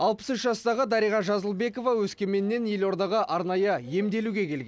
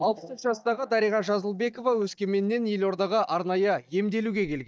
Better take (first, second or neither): first